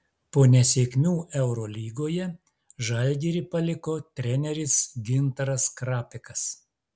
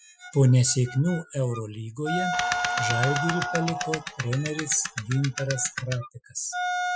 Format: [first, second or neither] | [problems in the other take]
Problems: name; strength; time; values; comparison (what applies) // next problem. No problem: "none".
first | noise reduction (classical method Wiener filter)